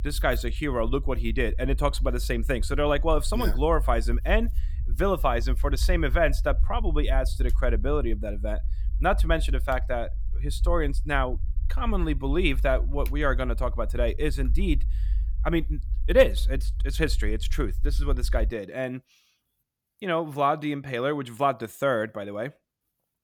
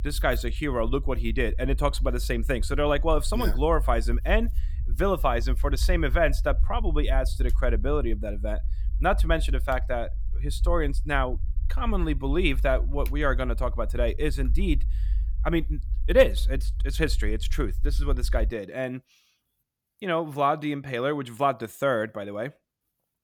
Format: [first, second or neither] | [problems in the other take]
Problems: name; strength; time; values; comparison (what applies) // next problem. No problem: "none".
neither | low rumble; faint; until 19 s; 25 dB below the speech; the same in both